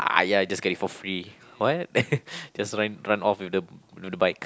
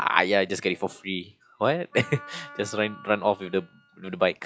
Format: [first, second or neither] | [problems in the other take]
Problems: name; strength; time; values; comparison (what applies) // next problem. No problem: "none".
first | noise reduction (classical method log-MMSE)